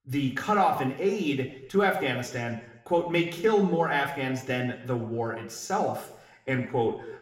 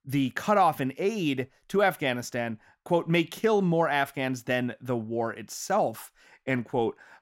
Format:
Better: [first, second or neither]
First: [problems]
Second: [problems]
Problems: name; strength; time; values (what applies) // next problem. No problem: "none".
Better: second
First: room echo; slight; dies away in 0.8 s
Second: none